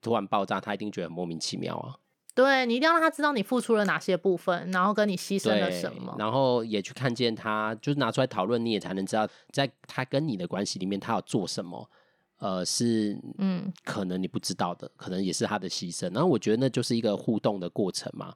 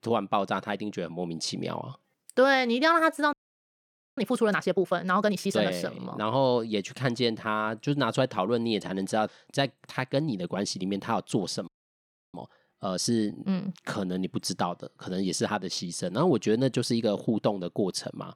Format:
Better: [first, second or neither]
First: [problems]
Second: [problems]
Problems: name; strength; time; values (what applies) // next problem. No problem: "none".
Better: first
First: none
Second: audio freezing; at 3.5 s for 1 s and at 12 s for 0.5 s